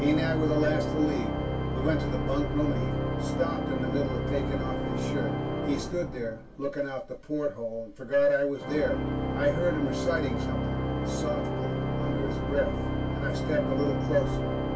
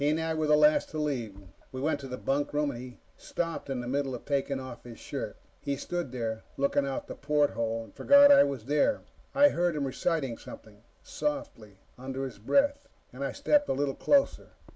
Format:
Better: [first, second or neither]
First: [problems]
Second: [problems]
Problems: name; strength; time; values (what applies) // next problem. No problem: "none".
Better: second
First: background sound (Organ); 1 dB above the speech // room echo; dies away in 0.2 s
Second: none